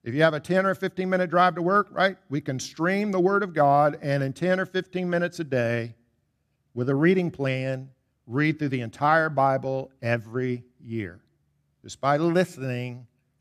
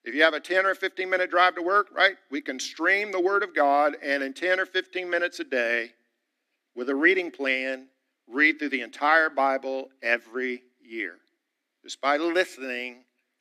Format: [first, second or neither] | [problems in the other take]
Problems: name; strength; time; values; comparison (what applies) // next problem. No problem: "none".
first | thin; somewhat; fading below 250 Hz